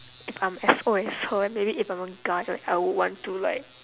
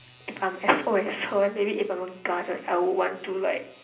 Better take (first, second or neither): first